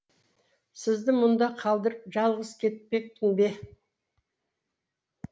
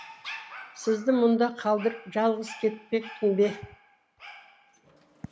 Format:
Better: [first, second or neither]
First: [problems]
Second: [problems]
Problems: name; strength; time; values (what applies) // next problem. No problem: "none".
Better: first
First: none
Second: background sound (Dog); 18 dB below the speech